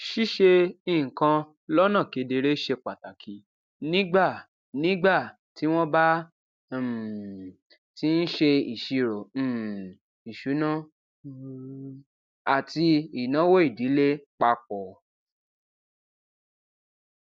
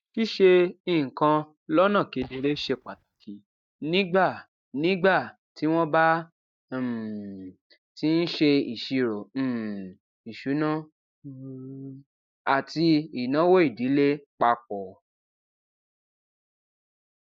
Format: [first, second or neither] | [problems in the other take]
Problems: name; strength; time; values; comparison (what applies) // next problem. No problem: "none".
first | noise reduction (neural mask model DeepFilterNet 3)